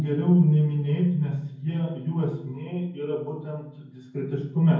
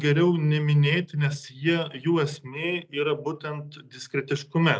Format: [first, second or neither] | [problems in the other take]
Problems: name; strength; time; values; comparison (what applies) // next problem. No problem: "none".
second | room echo; dies away in 0.9 s